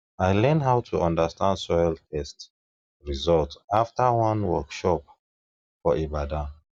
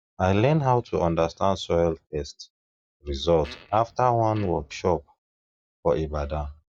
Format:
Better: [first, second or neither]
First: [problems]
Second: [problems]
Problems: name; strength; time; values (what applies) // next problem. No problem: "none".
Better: first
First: none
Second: noise reduction (neural mask model DeepFilterNet 3)